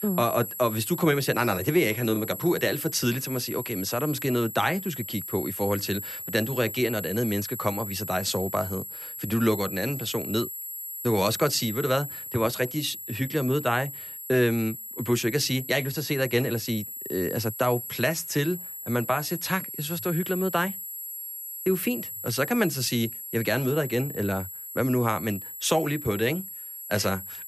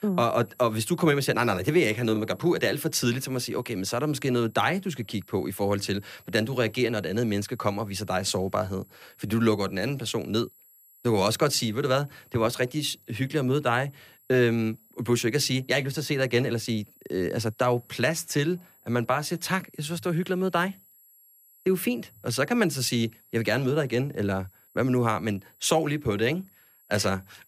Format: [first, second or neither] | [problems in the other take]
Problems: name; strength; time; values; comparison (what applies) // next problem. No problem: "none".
second | high-pitched whine; loud; throughout; 11.5 kHz, 8 dB below the speech; faint in the second